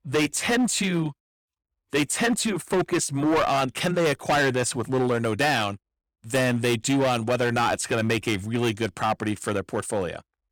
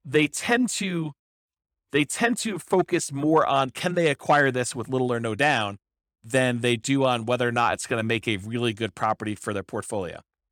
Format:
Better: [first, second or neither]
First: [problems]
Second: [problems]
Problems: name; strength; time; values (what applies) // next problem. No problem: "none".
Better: second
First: distortion; heavy; 13% of the sound clipped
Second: none